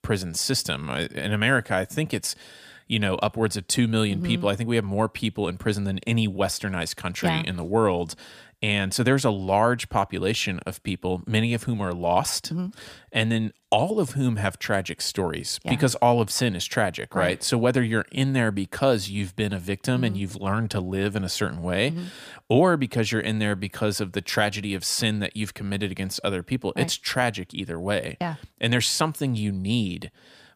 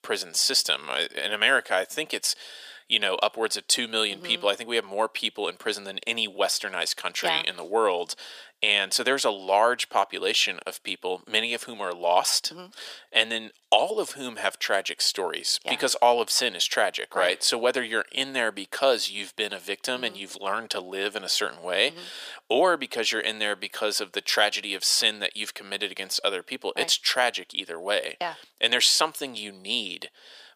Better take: first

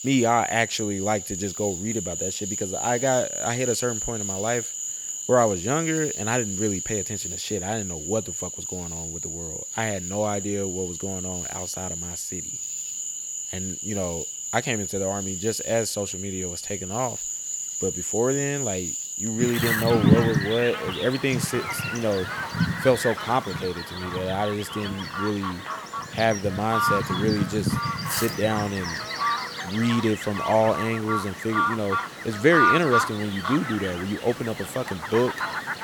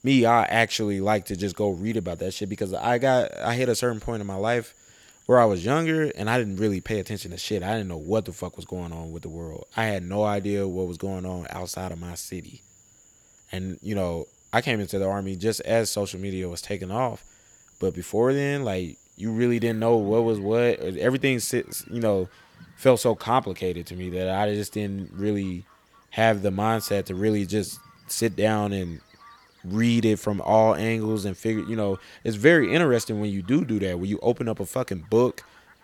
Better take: second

